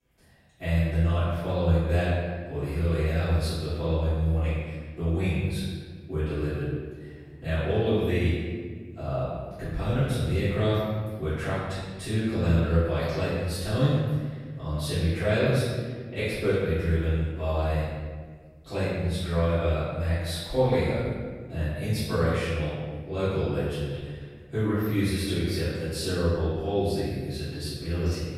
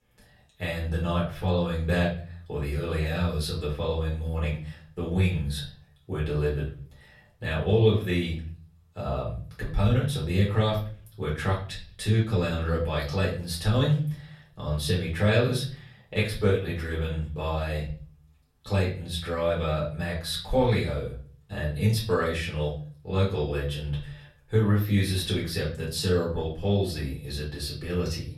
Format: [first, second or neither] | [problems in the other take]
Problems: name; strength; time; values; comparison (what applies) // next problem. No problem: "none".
second | room echo; strong; dies away in 1.6 s; slight in the second // off-mic speech; far; far in the second